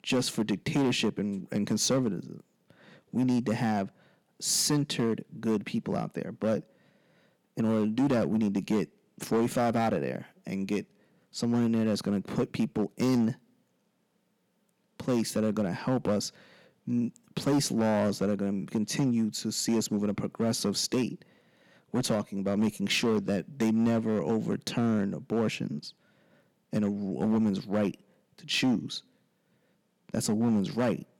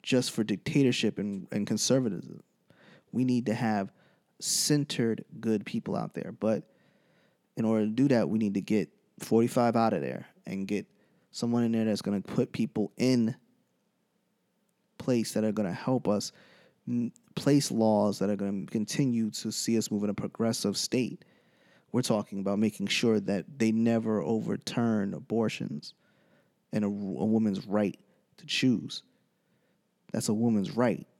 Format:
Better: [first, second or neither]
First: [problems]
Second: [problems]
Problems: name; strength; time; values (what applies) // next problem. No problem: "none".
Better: second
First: distortion; slight; 5% of the sound clipped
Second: none